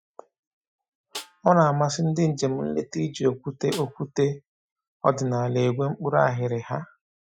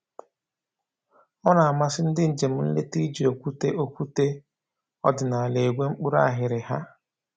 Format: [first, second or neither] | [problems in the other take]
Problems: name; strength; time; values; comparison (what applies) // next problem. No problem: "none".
second | noise reduction (classical method Wiener filter)